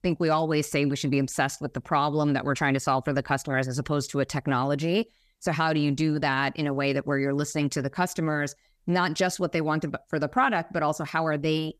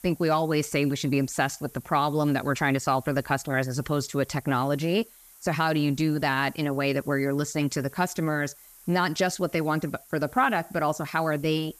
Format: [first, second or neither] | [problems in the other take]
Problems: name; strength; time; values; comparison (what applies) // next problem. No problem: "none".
first | hiss; faint; throughout; 25 dB below the speech